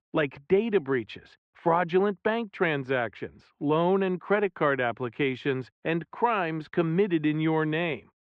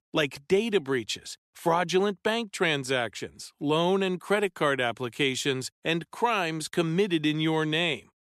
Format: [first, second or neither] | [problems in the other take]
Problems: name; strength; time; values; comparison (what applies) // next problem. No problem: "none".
second | muffled; very; fading above 2 kHz